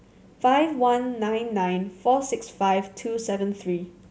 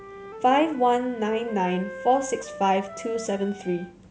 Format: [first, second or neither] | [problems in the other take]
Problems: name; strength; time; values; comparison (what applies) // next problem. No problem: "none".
first | background sound (Wind instrument, woodwind instrument); 15 dB below the speech